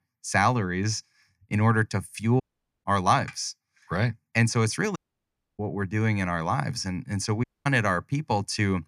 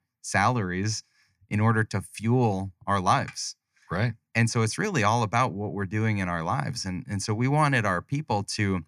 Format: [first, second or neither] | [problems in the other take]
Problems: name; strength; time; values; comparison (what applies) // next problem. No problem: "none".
second | audio cutting out; at 2.5 s, at 5 s for 0.5 s and at 7.5 s